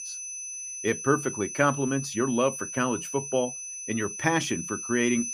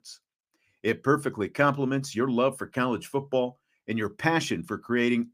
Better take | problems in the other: second | high-pitched whine; loud; throughout; 6 kHz, 6 dB below the speech

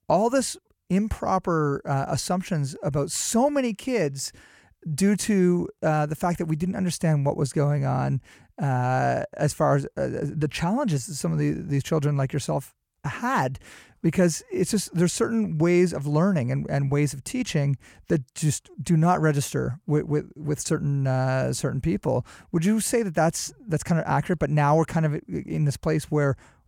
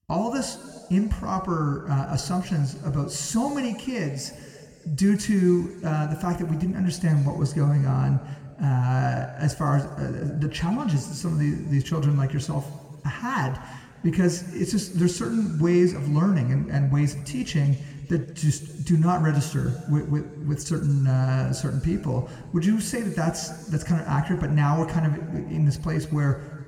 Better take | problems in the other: first | room echo; slight; dies away in 2 s

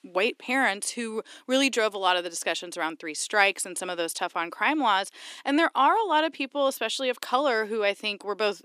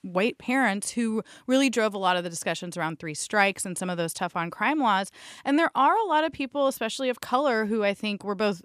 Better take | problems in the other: second | thin; very slightly; fading below 300 Hz

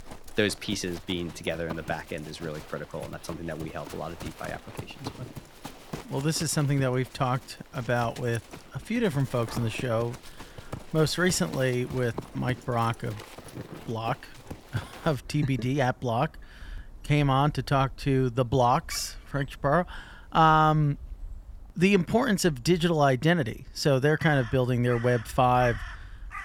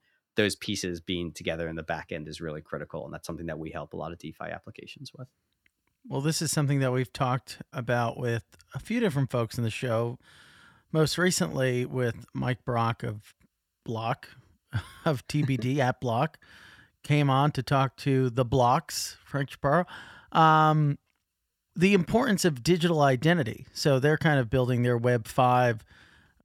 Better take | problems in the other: second | animal sounds; noticeable; throughout; 15 dB below the speech

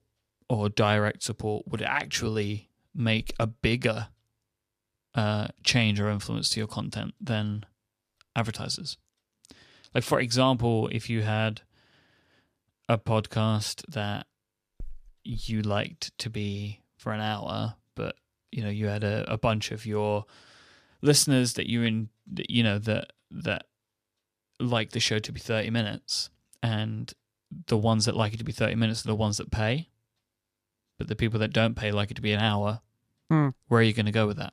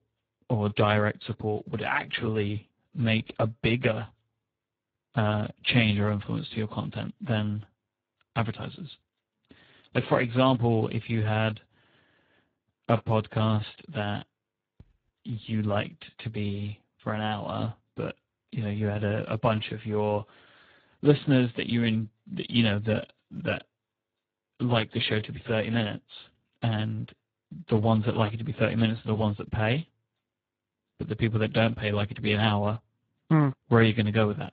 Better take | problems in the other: first | garbled, watery; badly; nothing above 4 kHz

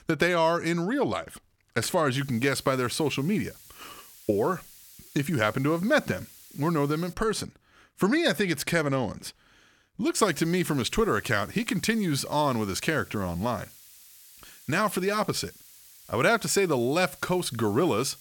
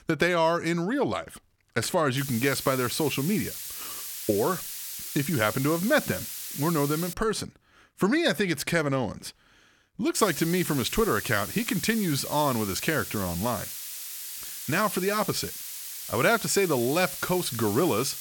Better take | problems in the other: first | hiss; loud; from 2 to 7 s and from 10 s on; 8 dB below the speech; faint in the first

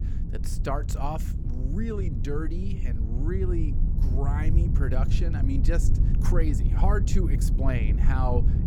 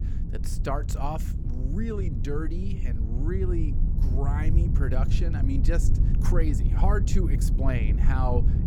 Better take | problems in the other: neither | low rumble; loud; throughout; 6 dB below the speech; the same in both

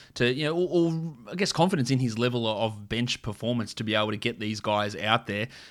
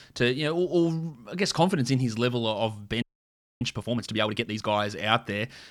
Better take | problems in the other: first | audio freezing; at 3 s for 0.5 s

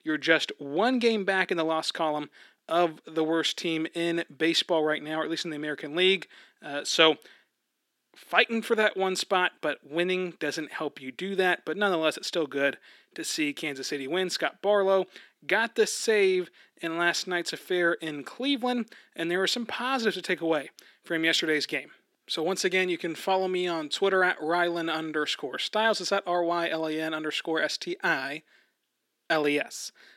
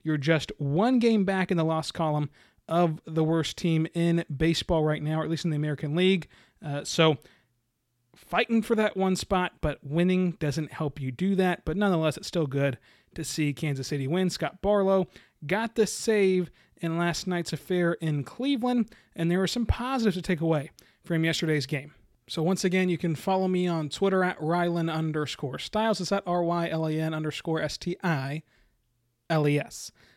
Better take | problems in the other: second | thin; somewhat; fading below 250 Hz

